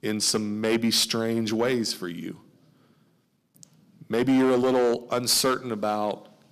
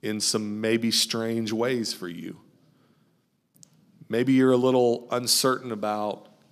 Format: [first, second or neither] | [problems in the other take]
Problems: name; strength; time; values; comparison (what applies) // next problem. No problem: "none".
second | distortion; slight; 5% of the sound clipped